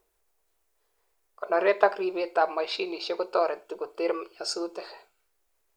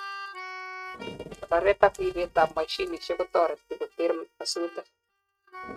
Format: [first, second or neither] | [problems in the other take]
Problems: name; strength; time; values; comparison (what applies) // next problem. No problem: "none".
first | noise reduction (neural mask model RNNoise)